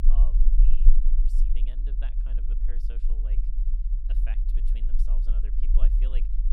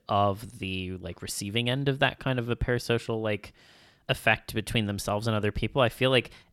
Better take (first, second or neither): second